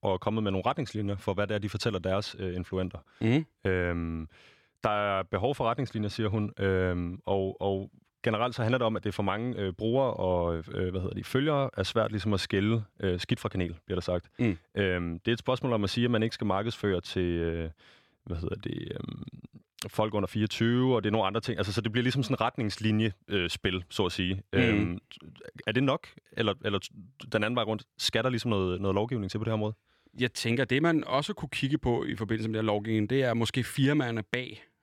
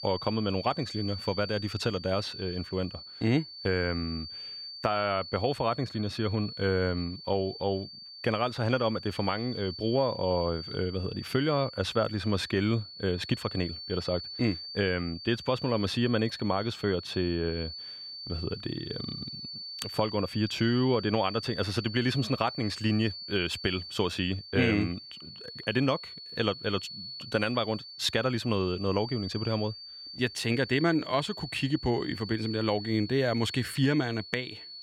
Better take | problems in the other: first | high-pitched whine; noticeable; throughout; 4.5 kHz, 10 dB below the speech

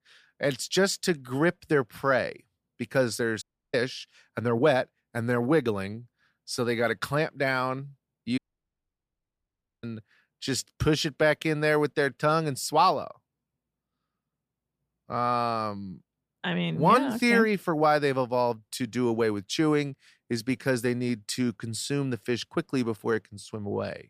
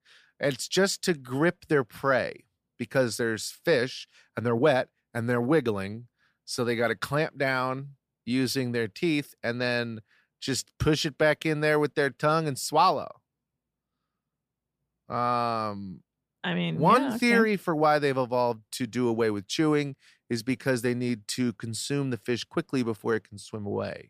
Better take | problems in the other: second | audio cutting out; at 3.5 s and at 8.5 s for 1.5 s

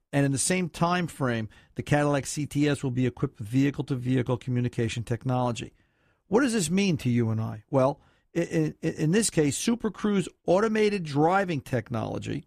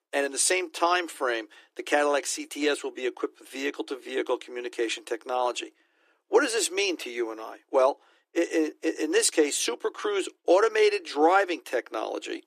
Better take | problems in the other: first | thin; very; fading below 300 Hz

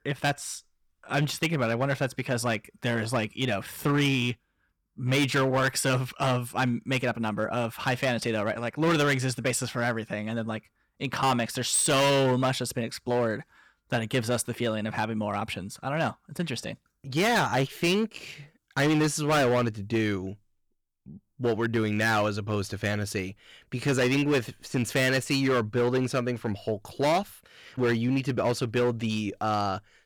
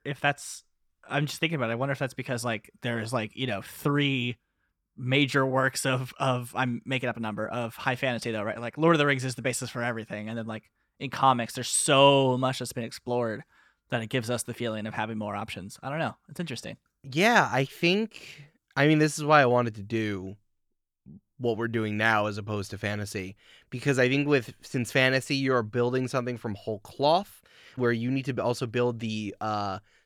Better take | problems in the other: second | distortion; heavy; 8% of the sound clipped

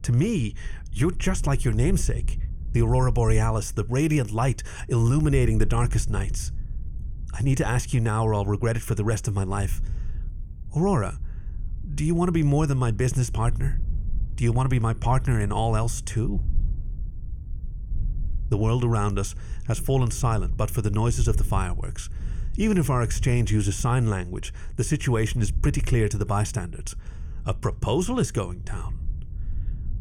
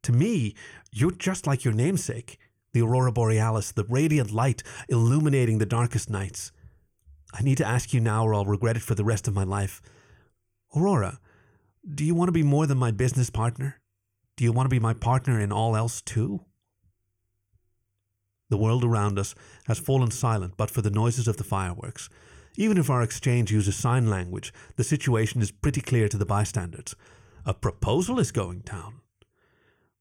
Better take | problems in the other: second | wind noise on the microphone; occasional gusts; 20 dB below the speech

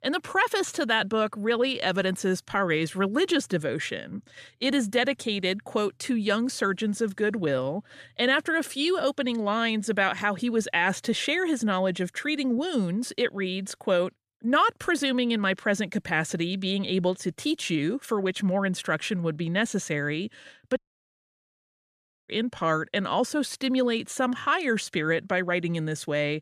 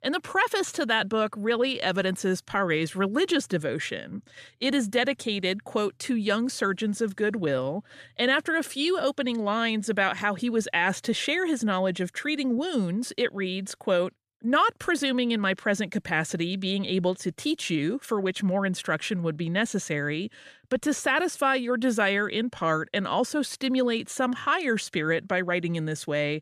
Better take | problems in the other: second | audio cutting out; at 21 s for 1.5 s

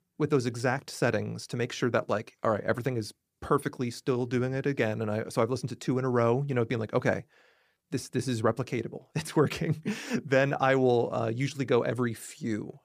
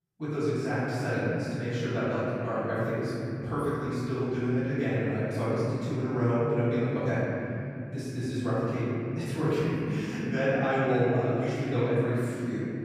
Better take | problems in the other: first | off-mic speech; far // room echo; strong; dies away in 3 s

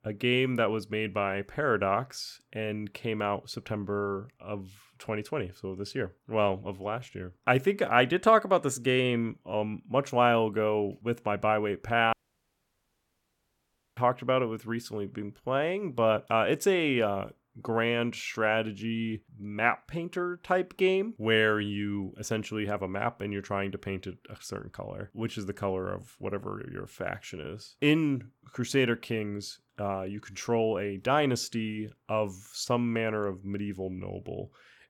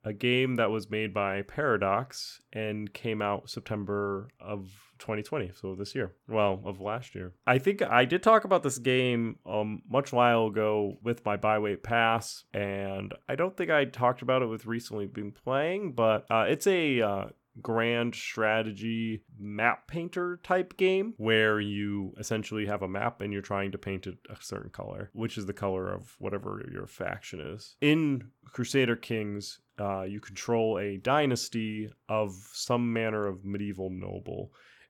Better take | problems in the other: second | audio cutting out; at 12 s for 2 s

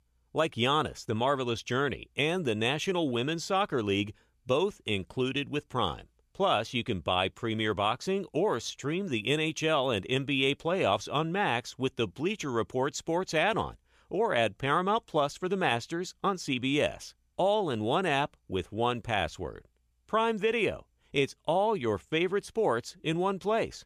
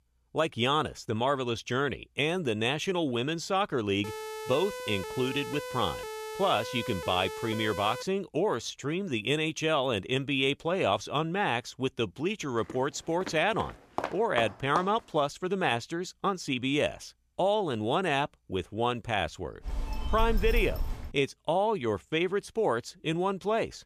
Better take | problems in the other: first | siren; noticeable; from 4 to 8 s; peak 8 dB below the speech // footsteps; noticeable; from 13 to 15 s; peak 7 dB below the speech // phone ringing; noticeable; from 20 to 21 s; peak 3 dB below the speech

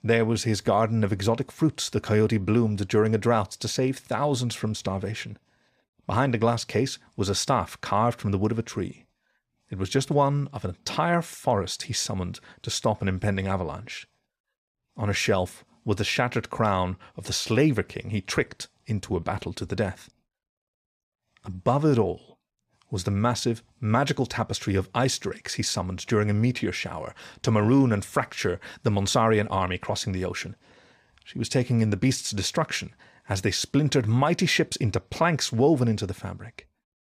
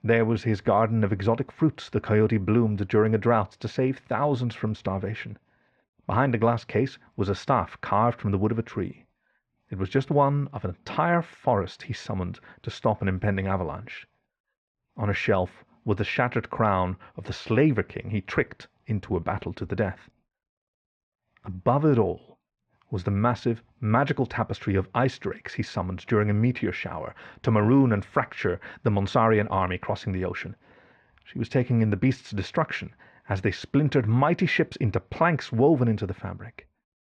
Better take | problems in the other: first | muffled; very; fading above 2 kHz

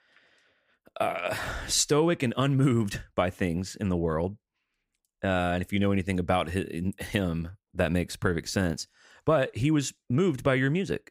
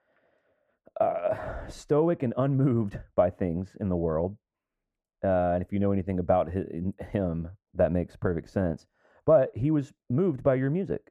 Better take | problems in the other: first | muffled; very; fading above 2 kHz

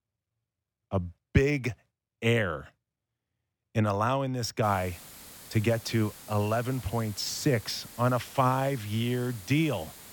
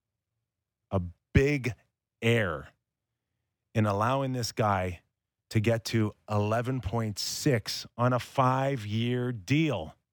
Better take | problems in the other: second | hiss; noticeable; from 4.5 s on; 15 dB below the speech

